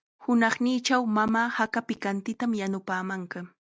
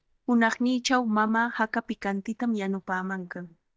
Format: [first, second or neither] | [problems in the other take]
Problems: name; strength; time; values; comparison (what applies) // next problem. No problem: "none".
first | noise reduction (neural mask model DeepFilterNet 3)